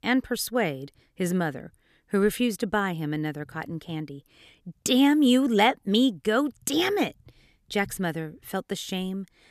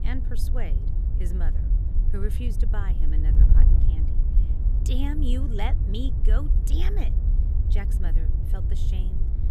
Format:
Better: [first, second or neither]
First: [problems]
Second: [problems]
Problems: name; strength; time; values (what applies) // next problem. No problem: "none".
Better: first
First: none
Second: wind noise on the microphone; heavy; 4 dB below the speech